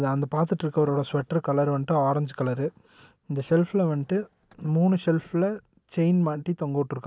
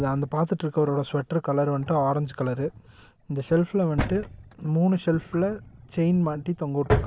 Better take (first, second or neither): first